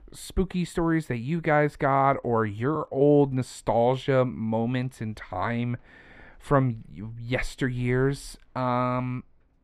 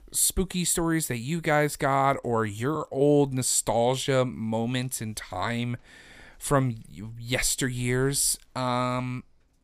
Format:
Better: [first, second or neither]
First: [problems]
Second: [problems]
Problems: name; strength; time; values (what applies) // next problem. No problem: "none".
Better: second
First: muffled; very; fading above 4 kHz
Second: none